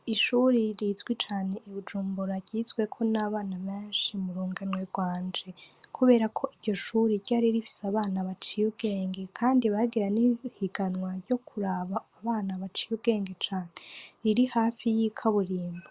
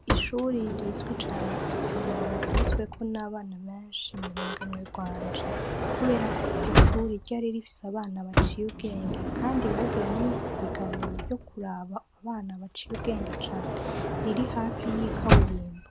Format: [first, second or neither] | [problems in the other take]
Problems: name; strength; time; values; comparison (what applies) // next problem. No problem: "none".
first | background sound (Sliding door / Motor vehicle (road)); 4 dB above the speech